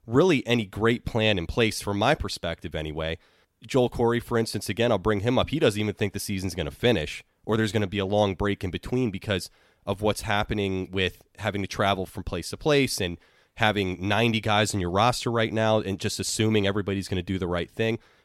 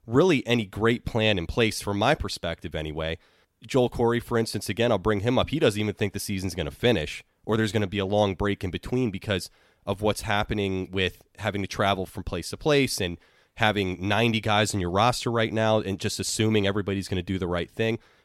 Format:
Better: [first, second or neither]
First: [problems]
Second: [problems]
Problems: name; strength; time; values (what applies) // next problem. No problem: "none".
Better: neither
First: none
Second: none